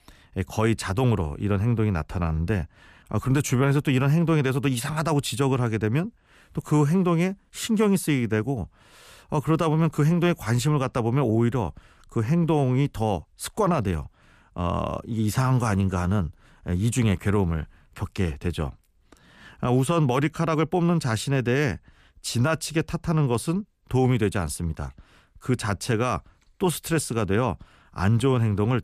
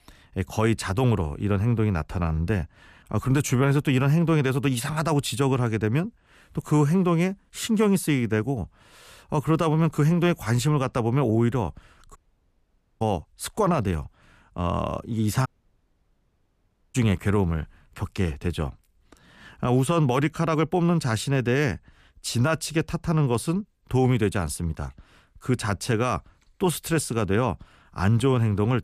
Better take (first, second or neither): first